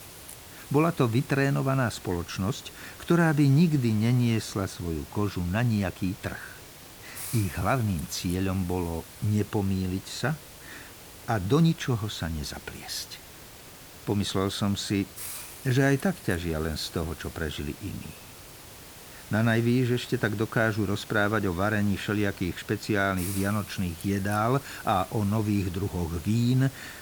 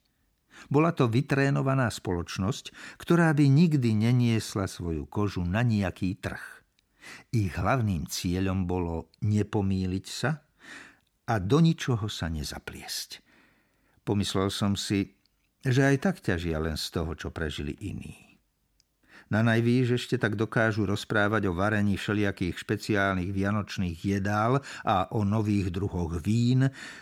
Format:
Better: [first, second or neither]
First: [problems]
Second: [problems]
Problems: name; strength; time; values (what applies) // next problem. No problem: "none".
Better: second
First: hiss; noticeable; throughout; 15 dB below the speech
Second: none